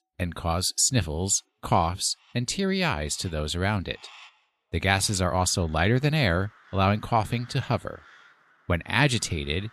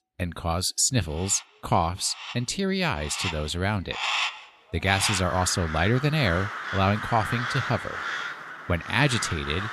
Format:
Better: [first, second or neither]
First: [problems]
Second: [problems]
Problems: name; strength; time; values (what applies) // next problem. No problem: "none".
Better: first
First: animal sounds; faint; throughout; 25 dB below the speech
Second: animal sounds; loud; throughout; 6 dB below the speech